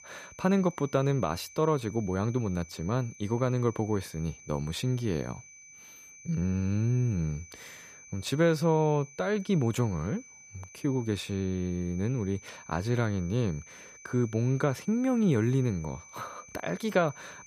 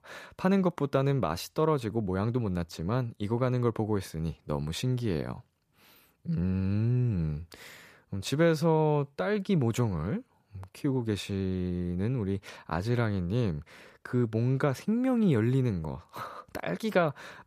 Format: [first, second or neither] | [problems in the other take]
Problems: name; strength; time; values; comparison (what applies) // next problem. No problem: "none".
second | high-pitched whine; noticeable; throughout; 6 kHz, 20 dB below the speech